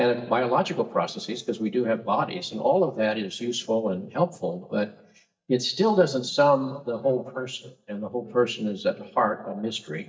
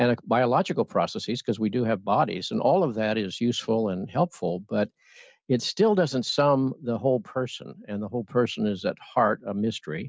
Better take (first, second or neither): second